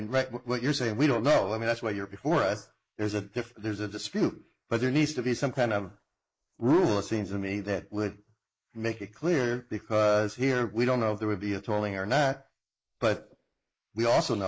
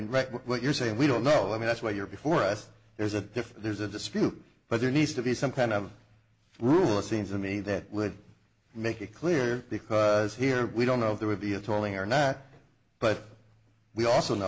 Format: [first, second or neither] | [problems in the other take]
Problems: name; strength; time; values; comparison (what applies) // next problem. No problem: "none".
second | noise reduction (neural mask model Resemble Enhance denoiser)